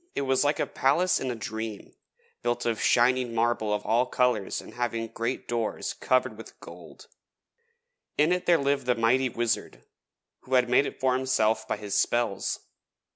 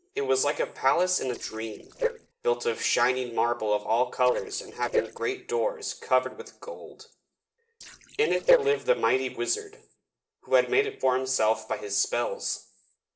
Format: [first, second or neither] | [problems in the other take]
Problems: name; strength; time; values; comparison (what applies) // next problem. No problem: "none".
first | noise reduction (neural separator model SepFormer DNS4)